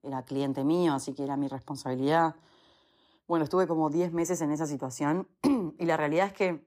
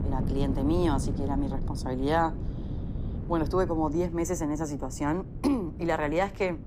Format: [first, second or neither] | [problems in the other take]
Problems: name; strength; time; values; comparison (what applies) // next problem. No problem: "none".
first | wind noise on the microphone; occasional gusts; 15 dB below the speech